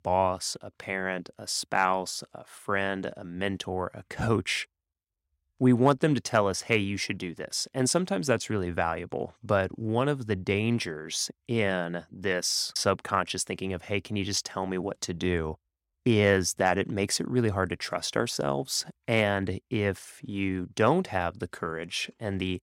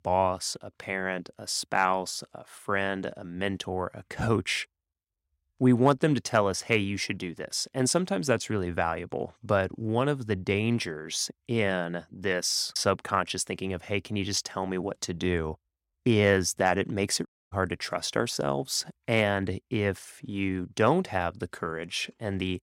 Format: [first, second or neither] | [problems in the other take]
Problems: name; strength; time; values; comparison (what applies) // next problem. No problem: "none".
first | audio cutting out; at 17 s